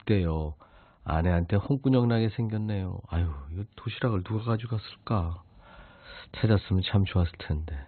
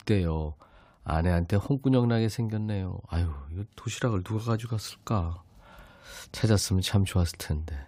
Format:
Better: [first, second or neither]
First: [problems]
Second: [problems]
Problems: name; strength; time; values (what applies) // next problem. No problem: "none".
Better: second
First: garbled, watery; badly; nothing above 4 kHz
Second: none